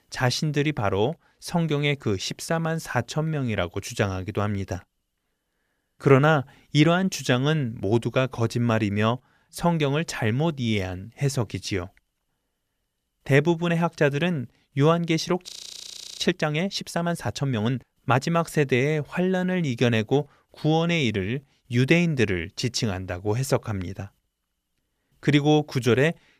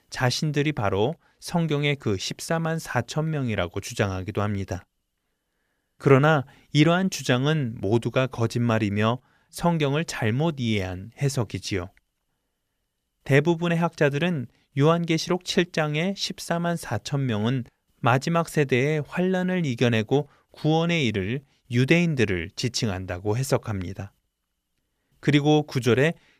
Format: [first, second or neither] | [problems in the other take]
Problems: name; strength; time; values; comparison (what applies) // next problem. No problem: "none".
second | audio freezing; at 15 s for 0.5 s